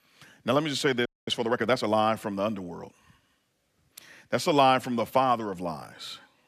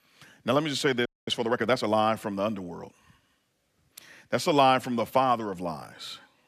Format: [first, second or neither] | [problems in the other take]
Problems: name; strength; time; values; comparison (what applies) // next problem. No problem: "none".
neither | audio freezing; at 1 s; the same in both